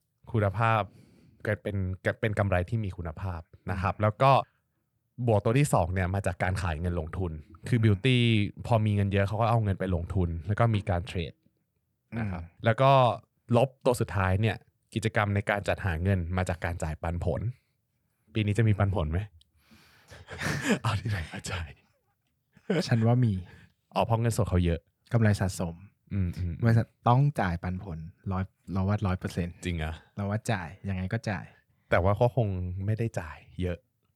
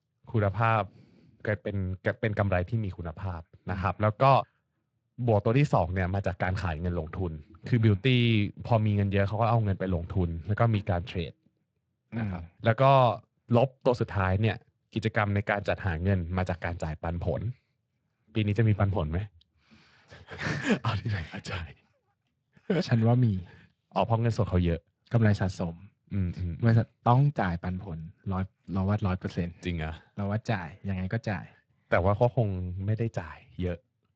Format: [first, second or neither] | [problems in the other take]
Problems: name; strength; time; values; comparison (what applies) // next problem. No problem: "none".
first | garbled, watery; slightly; nothing above 16 kHz